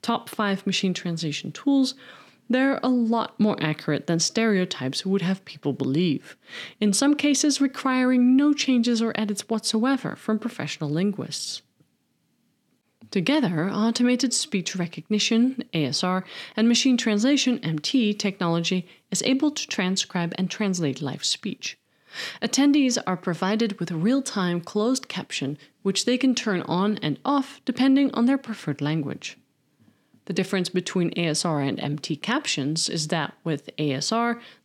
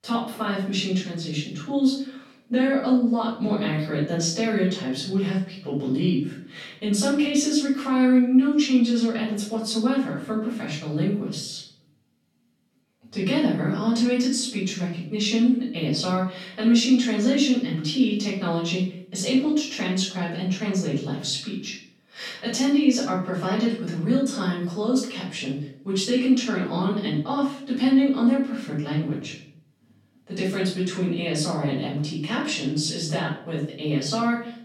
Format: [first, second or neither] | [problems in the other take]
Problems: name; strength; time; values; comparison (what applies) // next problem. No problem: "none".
first | off-mic speech; far // room echo; noticeable; dies away in 0.5 s